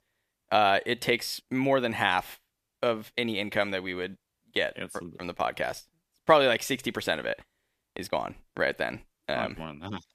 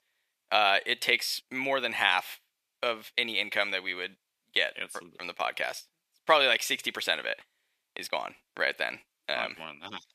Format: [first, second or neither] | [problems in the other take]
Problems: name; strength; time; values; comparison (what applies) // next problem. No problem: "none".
first | thin; somewhat; fading below 950 Hz